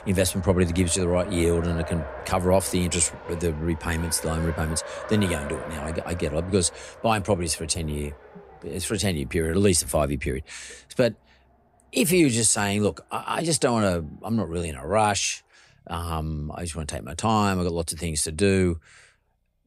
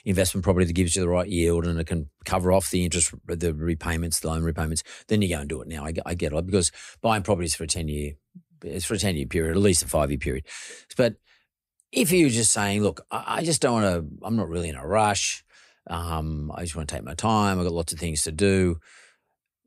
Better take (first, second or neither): second